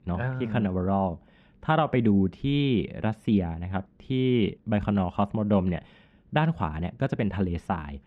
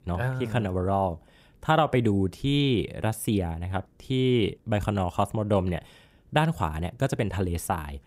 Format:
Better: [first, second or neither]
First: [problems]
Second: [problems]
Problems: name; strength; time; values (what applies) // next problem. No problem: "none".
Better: second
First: muffled; slightly; fading above 2.5 kHz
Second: none